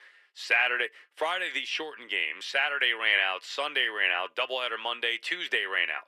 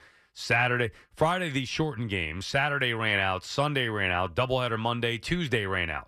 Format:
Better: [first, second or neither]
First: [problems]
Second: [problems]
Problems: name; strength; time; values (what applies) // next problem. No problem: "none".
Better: second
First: thin; very; fading below 400 Hz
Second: none